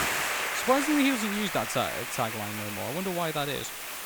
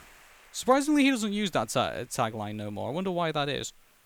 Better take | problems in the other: second | hiss; loud; throughout; 2 dB below the speech; faint in the second

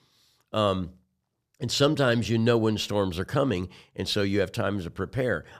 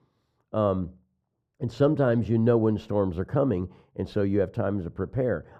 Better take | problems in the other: first | muffled; very; fading above 2 kHz

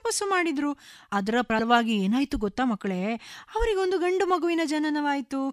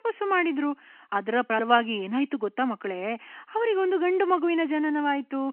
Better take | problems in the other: first | phone-call audio; nothing above 3 kHz

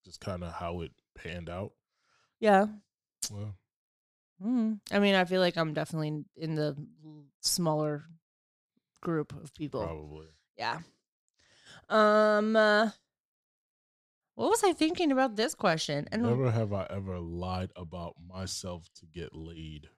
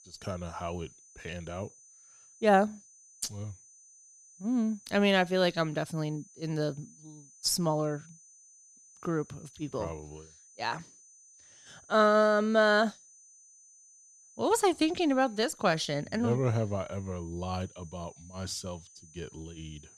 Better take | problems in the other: first | high-pitched whine; faint; throughout; 6 kHz, 25 dB below the speech

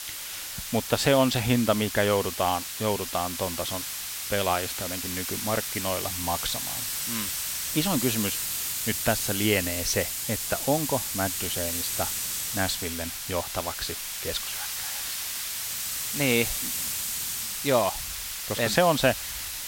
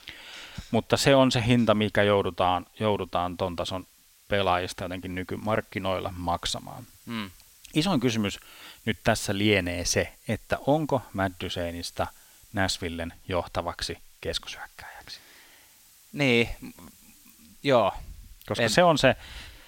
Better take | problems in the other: second | hiss; loud; throughout; 2 dB below the speech; faint in the second

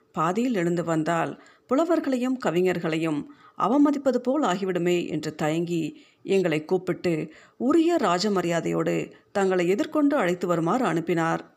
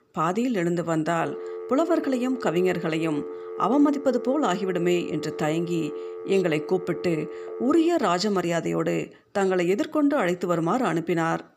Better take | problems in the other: first | phone ringing; noticeable; from 1 to 8 s; peak 10 dB below the speech

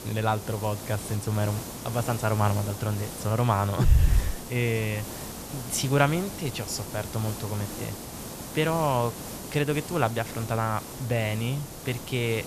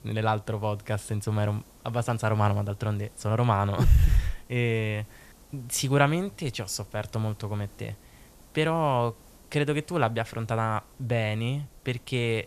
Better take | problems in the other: second | hiss; loud; throughout; 10 dB below the speech; faint in the second

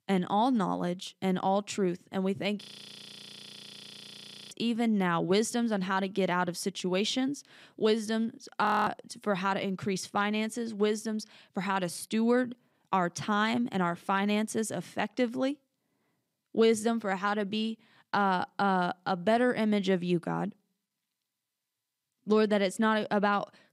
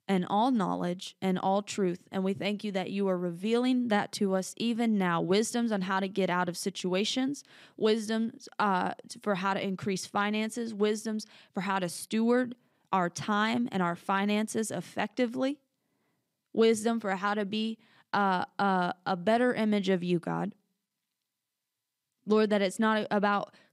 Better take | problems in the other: second | audio freezing; at 2.5 s for 2 s and at 8.5 s

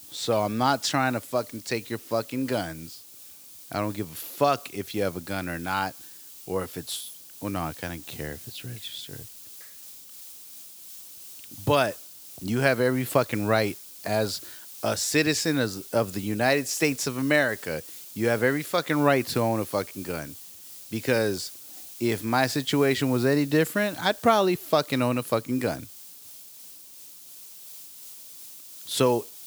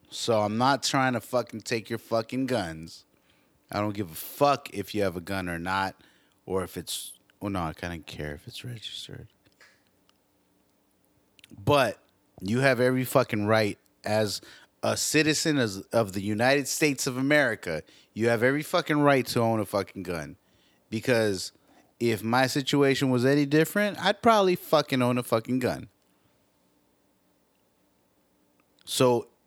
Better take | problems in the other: second | hiss; noticeable; throughout; 15 dB below the speech

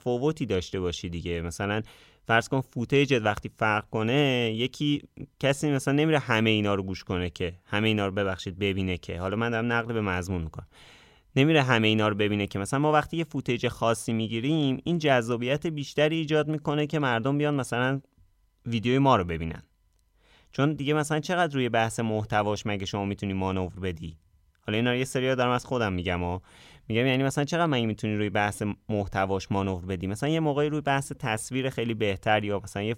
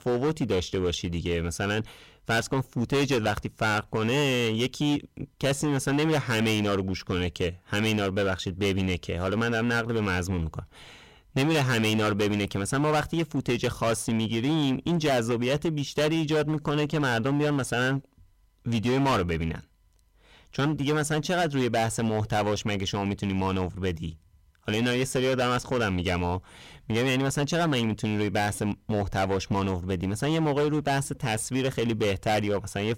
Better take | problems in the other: first | distortion; heavy; 14% of the sound clipped

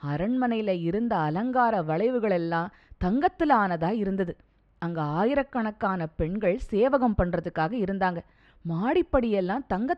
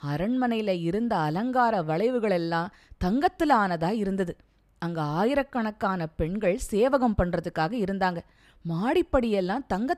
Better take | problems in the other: second | muffled; slightly; fading above 3 kHz

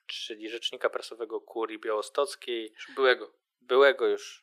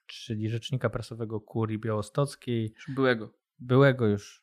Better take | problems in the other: second | thin; very; fading below 350 Hz

